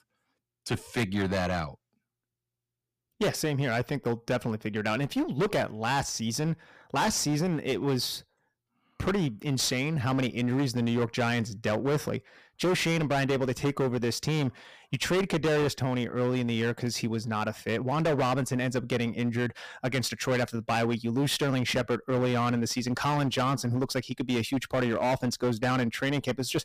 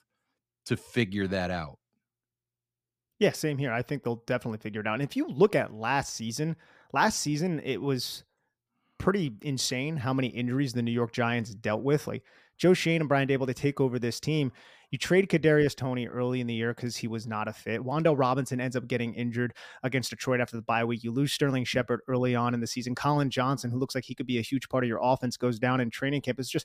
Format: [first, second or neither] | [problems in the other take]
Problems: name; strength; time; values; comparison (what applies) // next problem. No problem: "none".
second | distortion; heavy; 16% of the sound clipped